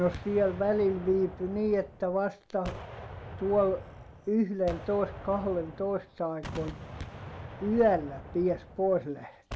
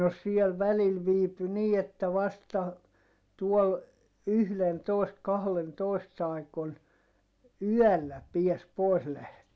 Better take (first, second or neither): second